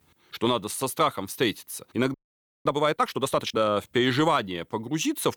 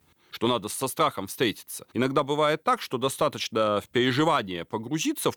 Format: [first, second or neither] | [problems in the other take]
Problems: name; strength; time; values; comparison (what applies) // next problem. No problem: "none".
second | audio freezing; at 2 s for 0.5 s